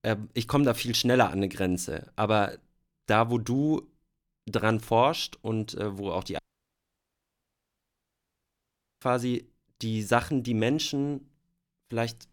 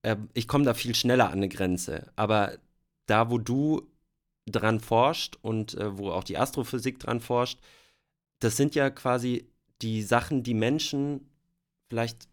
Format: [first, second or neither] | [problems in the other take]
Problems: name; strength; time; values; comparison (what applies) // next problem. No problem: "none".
second | audio cutting out; at 6.5 s for 2.5 s